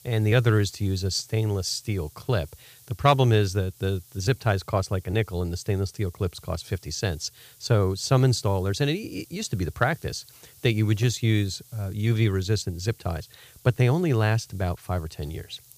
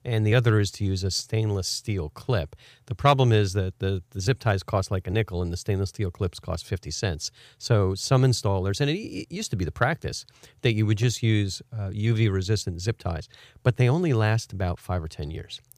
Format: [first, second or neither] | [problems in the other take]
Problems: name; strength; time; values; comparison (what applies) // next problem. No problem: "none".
second | hiss; faint; throughout; 25 dB below the speech